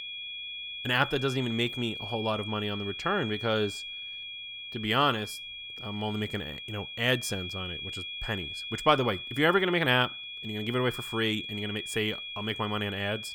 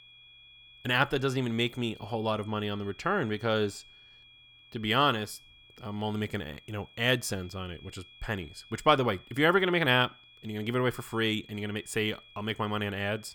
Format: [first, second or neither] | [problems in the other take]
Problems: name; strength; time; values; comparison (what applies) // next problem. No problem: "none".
second | high-pitched whine; loud; throughout; 3.5 kHz, 7 dB below the speech; faint in the second